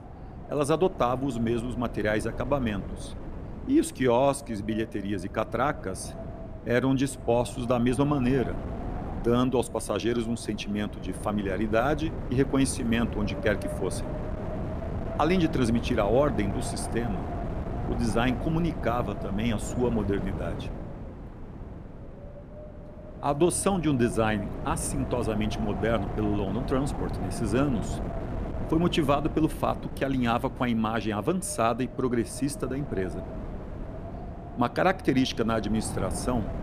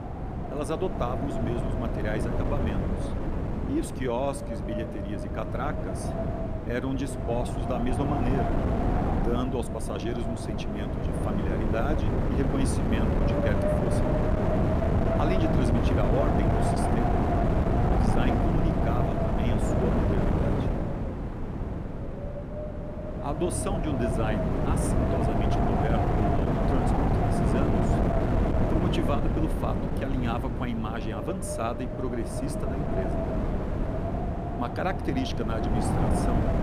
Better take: first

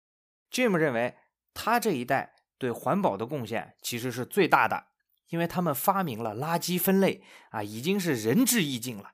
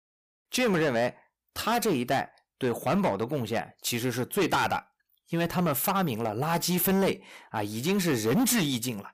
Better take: first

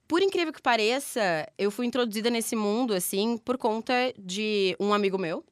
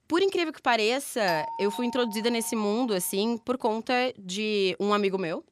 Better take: first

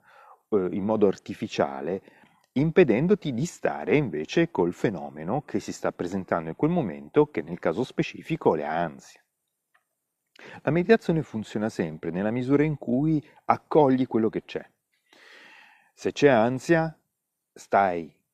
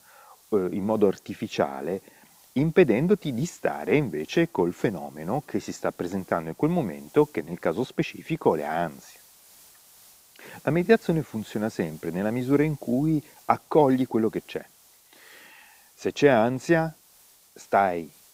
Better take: first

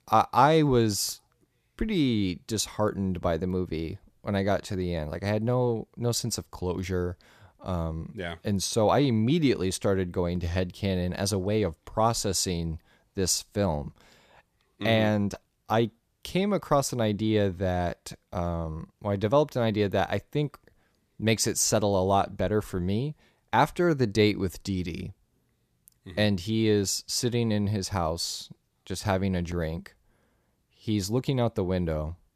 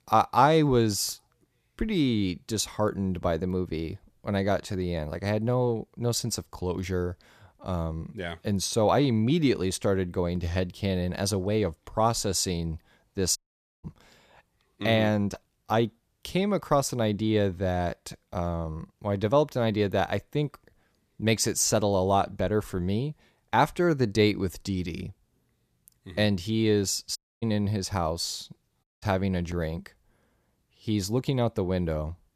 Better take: first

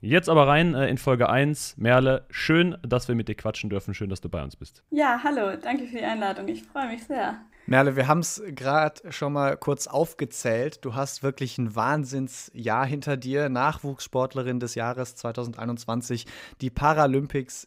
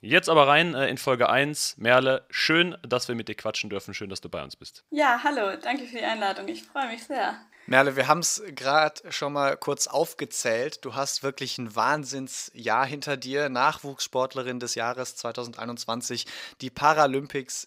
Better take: first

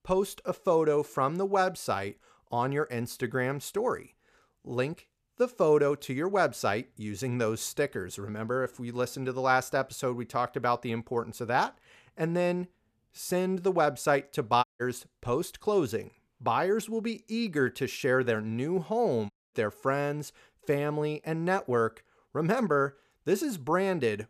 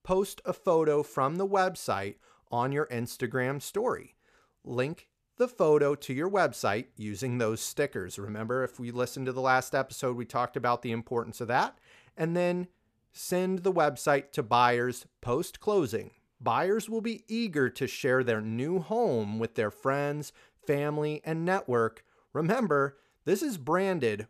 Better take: second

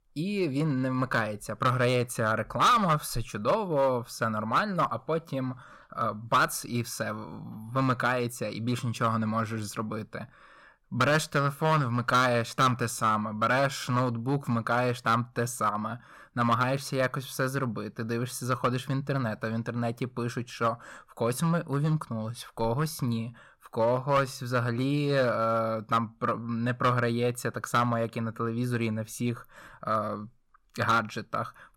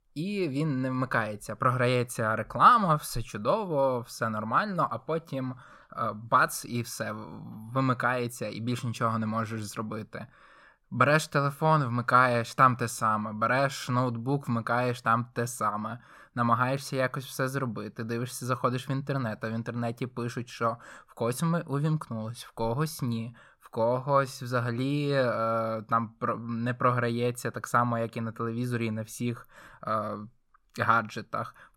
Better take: second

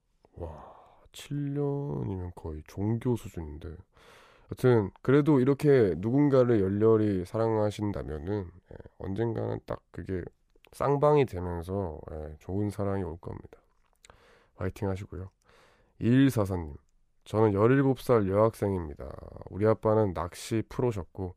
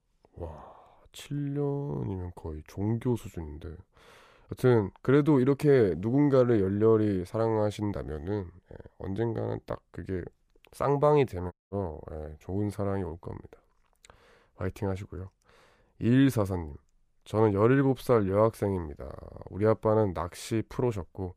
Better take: first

